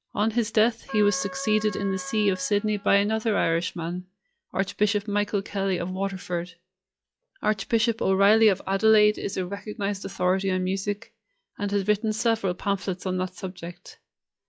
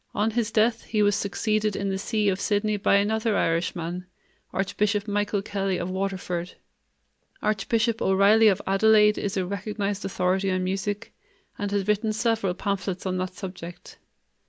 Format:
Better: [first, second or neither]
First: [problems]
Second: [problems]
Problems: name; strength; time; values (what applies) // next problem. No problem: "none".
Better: second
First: noise reduction (classical method log-MMSE)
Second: none